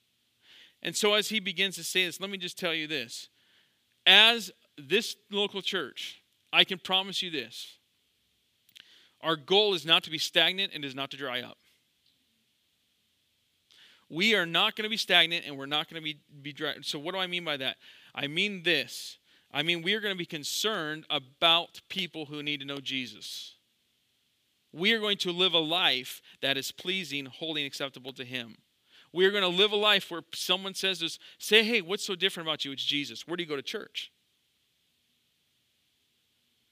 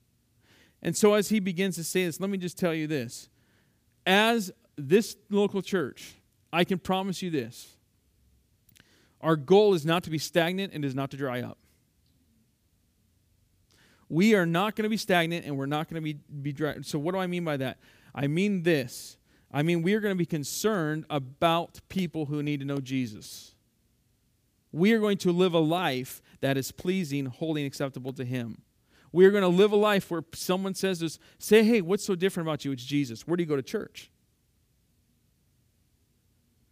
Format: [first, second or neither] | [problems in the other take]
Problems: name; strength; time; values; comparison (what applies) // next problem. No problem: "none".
second | thin; somewhat; fading below 450 Hz